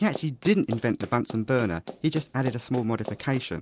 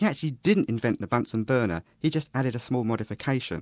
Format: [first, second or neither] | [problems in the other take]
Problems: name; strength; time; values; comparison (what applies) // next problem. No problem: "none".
second | background sound (Run); 15 dB below the speech